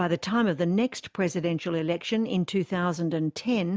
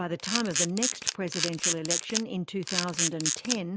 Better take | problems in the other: first | background sound (Camera); 2 dB above the speech

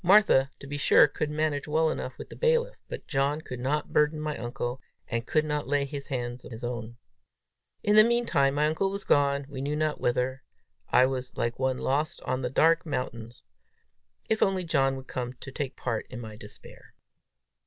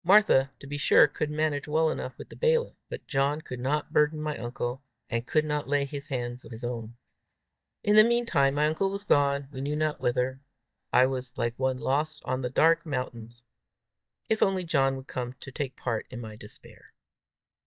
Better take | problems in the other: first | noise reduction (neural mask model DeepFilterNet 3)

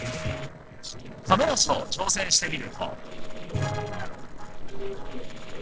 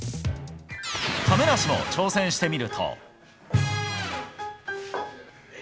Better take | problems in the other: second | noise reduction (neural separator model SepFormer DNS4)

